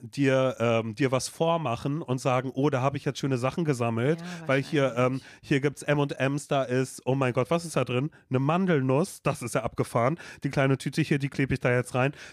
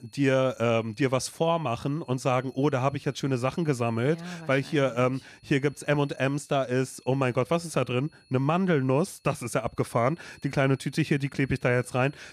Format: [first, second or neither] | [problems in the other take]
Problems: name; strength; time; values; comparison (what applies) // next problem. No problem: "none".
first | high-pitched whine; faint; throughout; 4.5 kHz, 30 dB below the speech